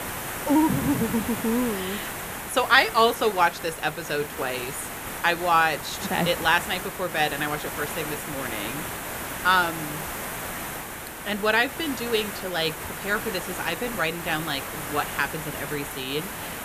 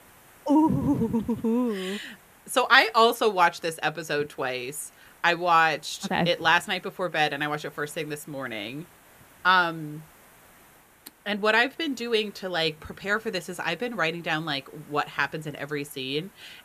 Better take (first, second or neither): second